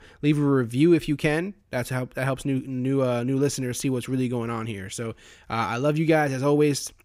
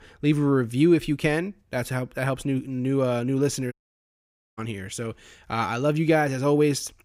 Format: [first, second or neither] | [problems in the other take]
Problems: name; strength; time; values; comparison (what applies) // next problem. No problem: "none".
first | audio cutting out; at 3.5 s for 1 s